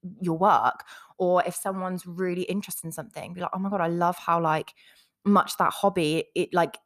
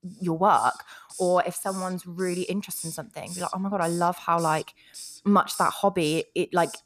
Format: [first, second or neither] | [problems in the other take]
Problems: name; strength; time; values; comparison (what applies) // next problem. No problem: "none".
first | hiss; noticeable; throughout; 15 dB below the speech